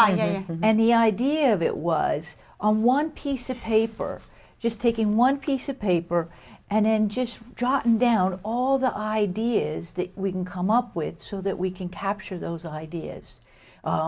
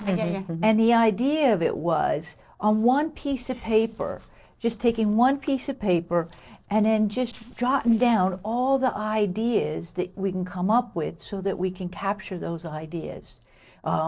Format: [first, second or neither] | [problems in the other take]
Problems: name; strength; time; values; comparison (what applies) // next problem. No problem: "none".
first | noise reduction (neural separator model SepFormer DNS4)